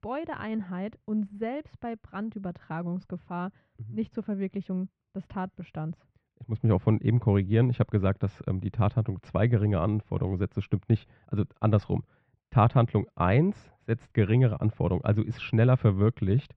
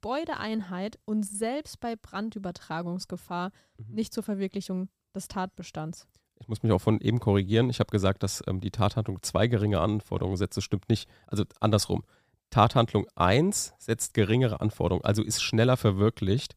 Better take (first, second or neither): second